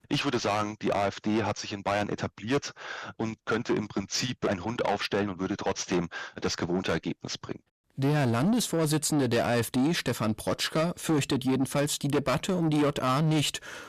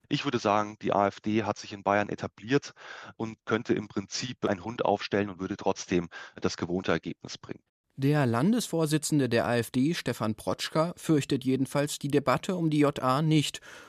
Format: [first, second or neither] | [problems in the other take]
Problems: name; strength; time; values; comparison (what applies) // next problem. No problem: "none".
second | distortion; heavy; 7 dB below the speech